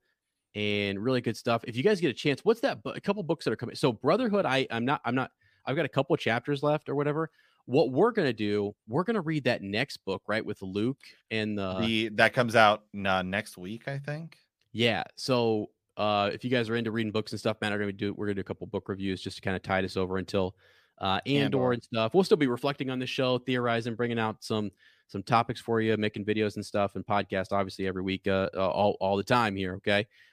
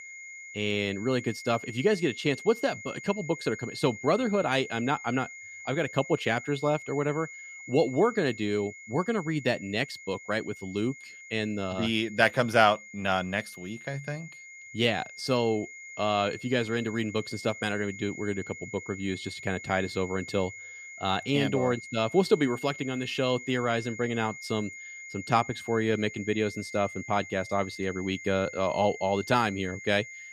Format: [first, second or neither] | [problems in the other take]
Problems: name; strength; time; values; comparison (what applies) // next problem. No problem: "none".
first | high-pitched whine; noticeable; throughout; 2 kHz, 15 dB below the speech